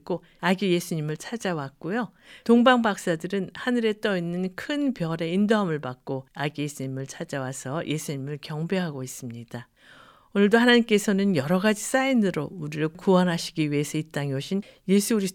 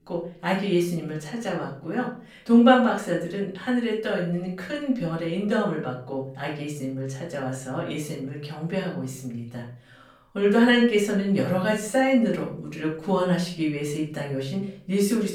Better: first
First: none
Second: off-mic speech; far // room echo; slight; dies away in 0.4 s

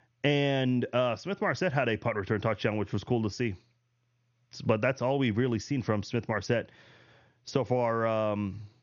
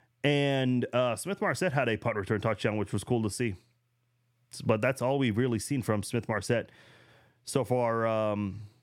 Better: second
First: garbled, watery; slightly; nothing above 6.5 kHz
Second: none

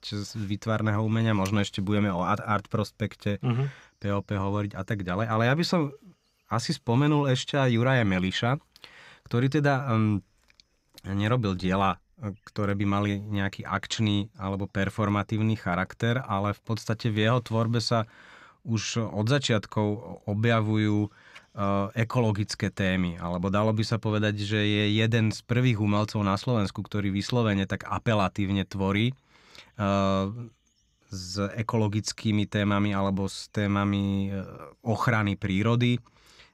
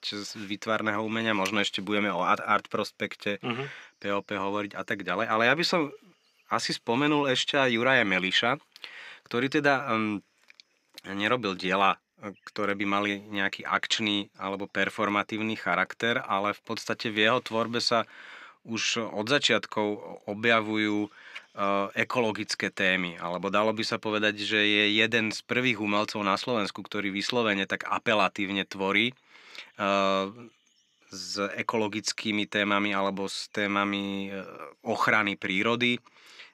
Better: first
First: none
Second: thin; somewhat; fading below 300 Hz

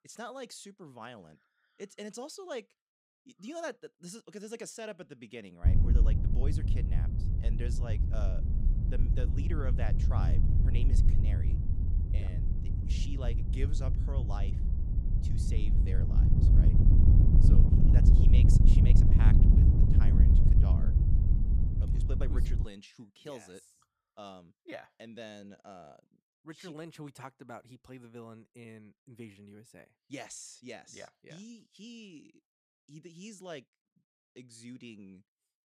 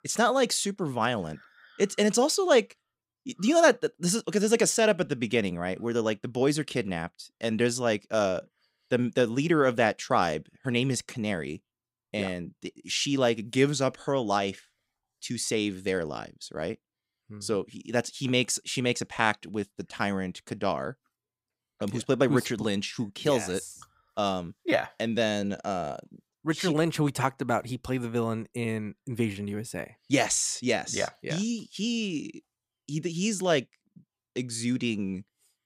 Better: second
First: wind noise on the microphone; heavy; from 5.5 to 23 s; 3 dB above the speech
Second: none

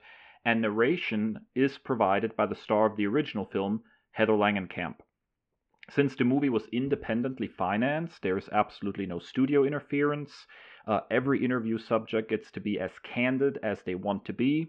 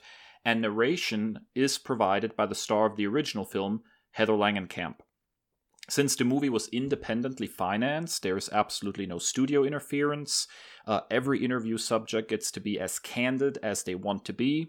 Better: second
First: muffled; very; fading above 2.5 kHz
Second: none

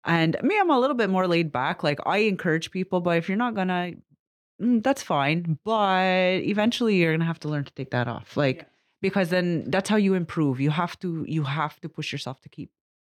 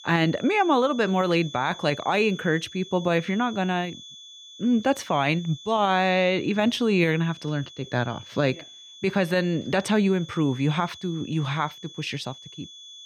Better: first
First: none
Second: high-pitched whine; noticeable; throughout; 3.5 kHz, 15 dB below the speech

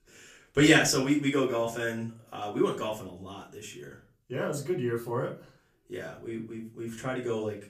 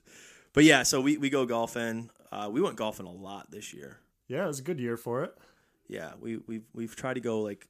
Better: second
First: off-mic speech; far // room echo; very slight; dies away in 0.3 s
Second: none

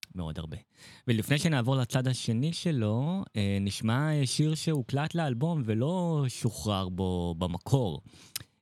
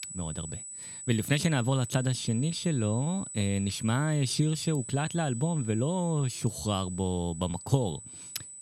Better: first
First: none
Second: high-pitched whine; noticeable; throughout; 8 kHz, 10 dB below the speech

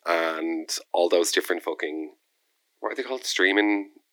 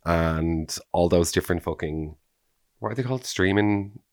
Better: second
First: thin; somewhat; fading below 300 Hz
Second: none

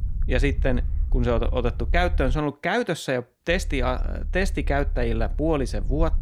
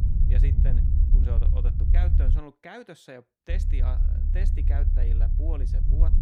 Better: first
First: low rumble; faint; until 2.5 s and from 3.5 s on; 25 dB below the speech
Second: low rumble; loud; until 2.5 s and from 3.5 s on; as loud as the speech

